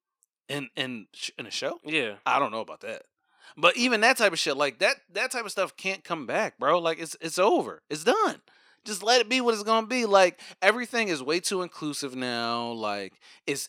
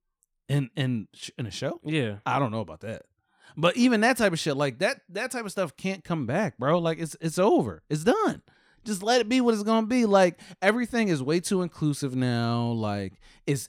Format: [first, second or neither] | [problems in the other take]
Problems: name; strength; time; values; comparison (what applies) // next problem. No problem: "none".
second | thin; somewhat; fading below 400 Hz